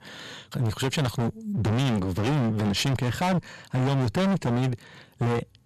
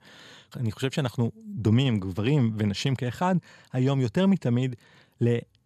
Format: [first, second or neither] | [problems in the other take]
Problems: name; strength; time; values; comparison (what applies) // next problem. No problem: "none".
second | distortion; heavy; 30% of the sound clipped